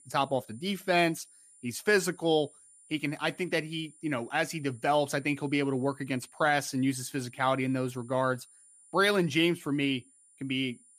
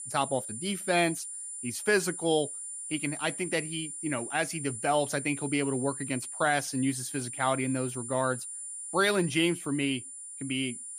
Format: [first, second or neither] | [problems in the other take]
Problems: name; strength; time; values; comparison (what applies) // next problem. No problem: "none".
first | high-pitched whine; loud; throughout; 9.5 kHz, 7 dB below the speech; faint in the first